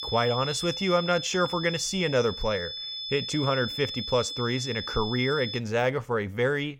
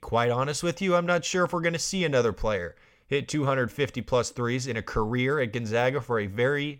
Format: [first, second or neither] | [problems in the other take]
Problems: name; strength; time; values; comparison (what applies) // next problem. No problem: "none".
second | high-pitched whine; loud; until 5.5 s; 3.5 kHz, 6 dB below the speech